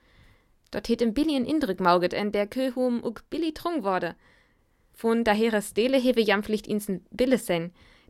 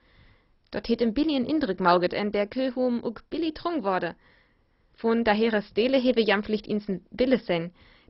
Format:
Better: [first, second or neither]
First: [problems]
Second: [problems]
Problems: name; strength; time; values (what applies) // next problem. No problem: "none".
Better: first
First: none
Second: garbled, watery; badly; nothing above 5.5 kHz